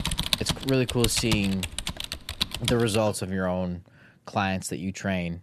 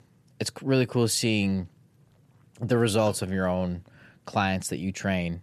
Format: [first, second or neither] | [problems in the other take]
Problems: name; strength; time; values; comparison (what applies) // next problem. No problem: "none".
second | keyboard typing; loud; until 3 s; peak 2 dB above the speech